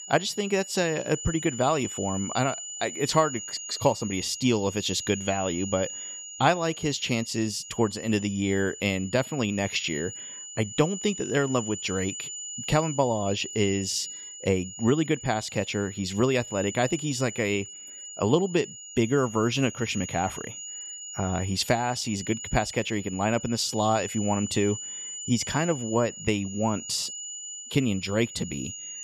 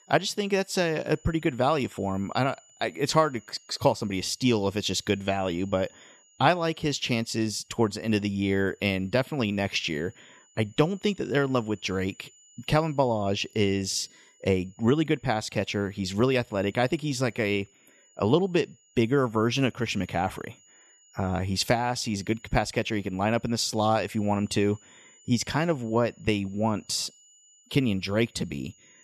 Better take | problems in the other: second | high-pitched whine; loud; throughout; 7 kHz, 9 dB below the speech; faint in the second

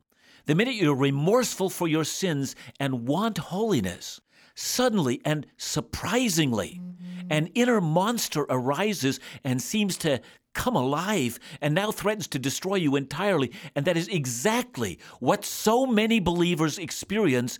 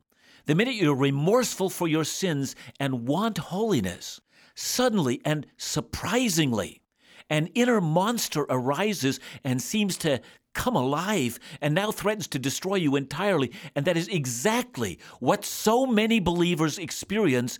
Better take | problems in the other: second | phone ringing; faint; at 6.5 s; peak 10 dB below the speech

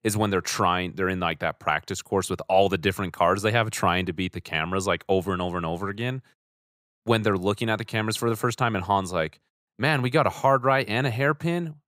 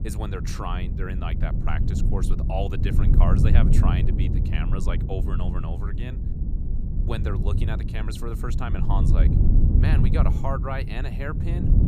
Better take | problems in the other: first | low rumble; loud; throughout; 3 dB below the speech

